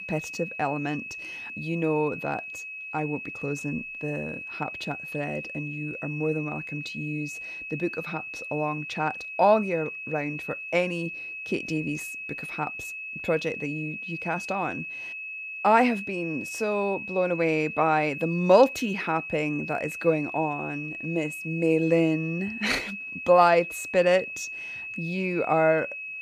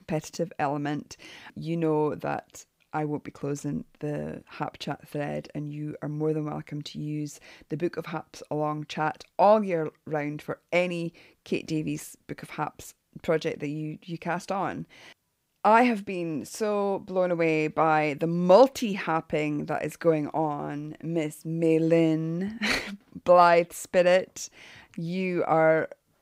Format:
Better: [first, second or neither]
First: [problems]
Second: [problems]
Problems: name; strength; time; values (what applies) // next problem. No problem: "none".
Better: second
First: high-pitched whine; loud; throughout; 2.5 kHz, 8 dB below the speech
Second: none